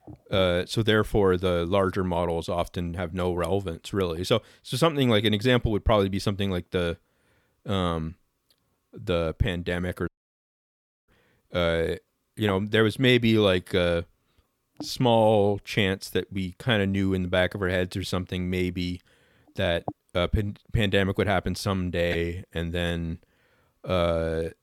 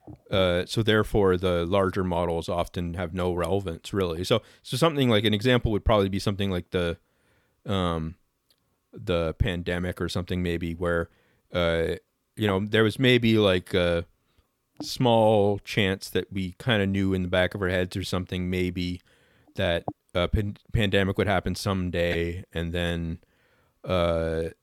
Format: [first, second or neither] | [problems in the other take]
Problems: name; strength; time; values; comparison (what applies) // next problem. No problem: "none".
second | audio cutting out; at 10 s for 1 s